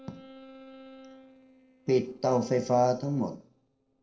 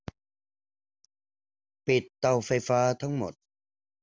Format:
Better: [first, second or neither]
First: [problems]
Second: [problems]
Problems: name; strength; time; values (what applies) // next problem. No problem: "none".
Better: second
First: noise reduction (neural separator model SepFormer DNS4)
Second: none